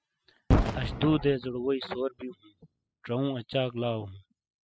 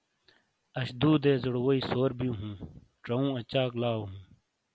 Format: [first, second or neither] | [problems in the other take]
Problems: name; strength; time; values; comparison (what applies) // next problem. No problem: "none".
second | noise reduction (classical method spectral subtraction)